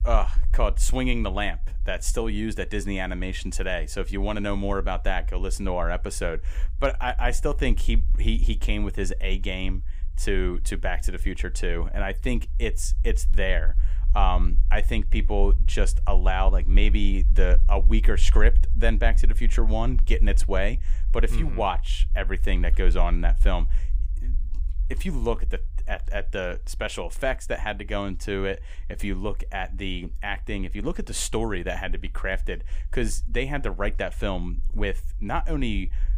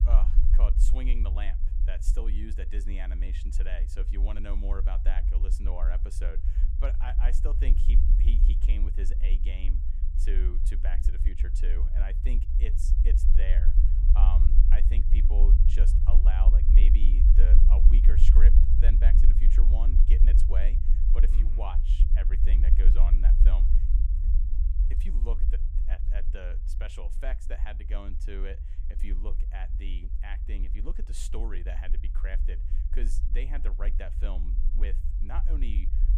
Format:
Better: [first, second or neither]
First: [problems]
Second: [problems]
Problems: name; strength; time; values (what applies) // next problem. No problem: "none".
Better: first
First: low rumble; faint; throughout; 25 dB below the speech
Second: low rumble; loud; throughout; 4 dB below the speech